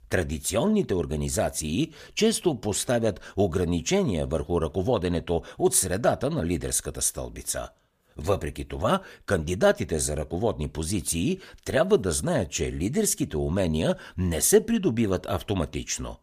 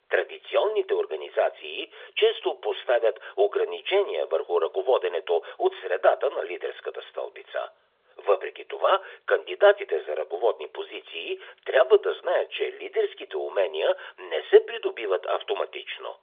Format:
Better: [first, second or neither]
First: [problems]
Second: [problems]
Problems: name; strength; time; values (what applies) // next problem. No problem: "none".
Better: first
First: none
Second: phone-call audio; nothing above 3.5 kHz